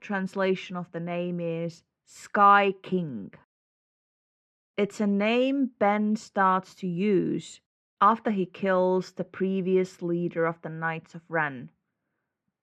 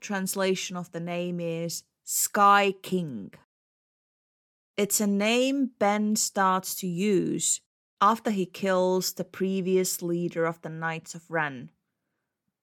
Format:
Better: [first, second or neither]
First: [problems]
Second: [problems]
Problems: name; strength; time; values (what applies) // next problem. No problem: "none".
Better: second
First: muffled; very; fading above 2 kHz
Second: none